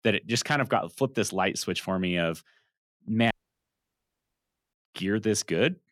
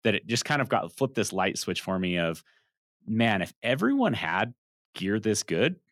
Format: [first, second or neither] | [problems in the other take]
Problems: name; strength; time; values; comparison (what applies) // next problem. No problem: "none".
second | audio cutting out; at 3.5 s for 1.5 s